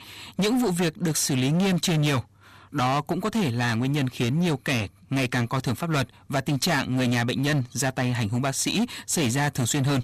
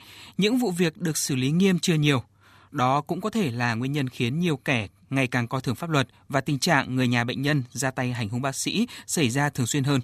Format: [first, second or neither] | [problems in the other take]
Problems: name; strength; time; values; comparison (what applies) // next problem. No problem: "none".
second | distortion; heavy; 21% of the sound clipped